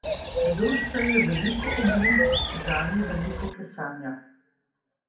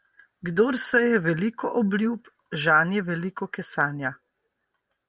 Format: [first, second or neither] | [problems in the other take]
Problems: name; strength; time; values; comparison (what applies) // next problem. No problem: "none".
second | background sound (Bird); 2 dB above the speech // room echo; dies away in 0.6 s